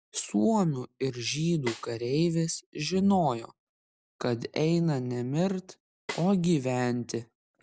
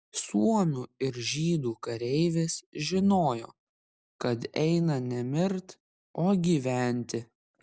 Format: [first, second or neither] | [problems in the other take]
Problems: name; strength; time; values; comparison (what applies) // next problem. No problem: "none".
second | background sound (Snare drum); 16 dB below the speech